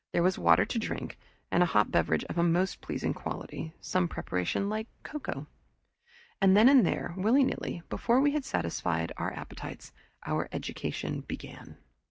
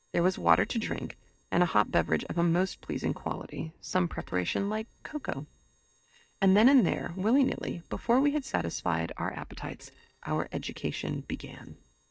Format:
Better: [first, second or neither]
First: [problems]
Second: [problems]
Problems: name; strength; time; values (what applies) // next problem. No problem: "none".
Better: first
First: none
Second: noise reduction (neural separator model SepFormer DNS4)